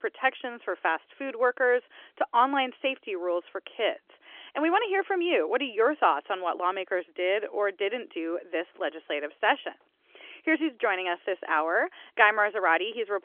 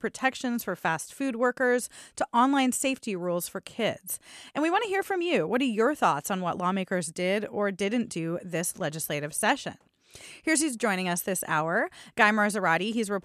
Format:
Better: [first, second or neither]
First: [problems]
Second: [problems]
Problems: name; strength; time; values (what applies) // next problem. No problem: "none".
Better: second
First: phone-call audio; nothing above 3 kHz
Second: none